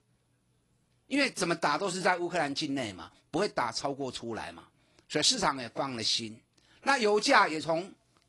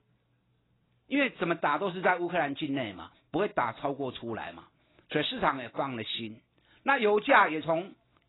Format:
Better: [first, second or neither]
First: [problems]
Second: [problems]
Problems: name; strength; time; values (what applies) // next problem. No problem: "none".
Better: first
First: garbled, watery; slightly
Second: garbled, watery; badly; nothing above 4 kHz